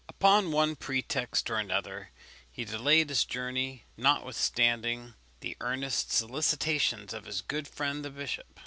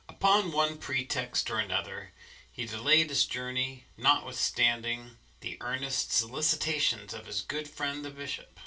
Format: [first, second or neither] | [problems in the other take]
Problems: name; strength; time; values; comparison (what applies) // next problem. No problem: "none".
first | room echo; dies away in 0.2 s